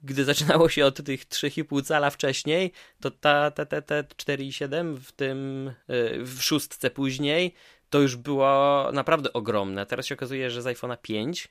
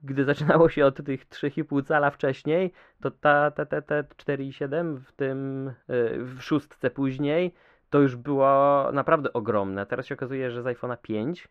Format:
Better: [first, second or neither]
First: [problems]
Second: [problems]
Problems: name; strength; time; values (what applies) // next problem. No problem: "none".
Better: first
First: none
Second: muffled; very; fading above 3.5 kHz